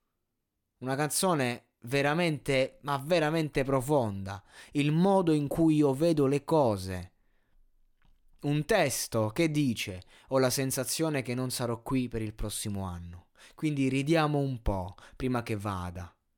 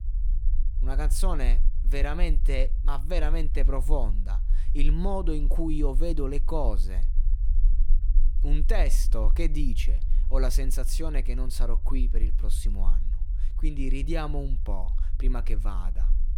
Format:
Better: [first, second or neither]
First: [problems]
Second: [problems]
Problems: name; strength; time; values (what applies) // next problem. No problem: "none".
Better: first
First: none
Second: low rumble; noticeable; throughout; 20 dB below the speech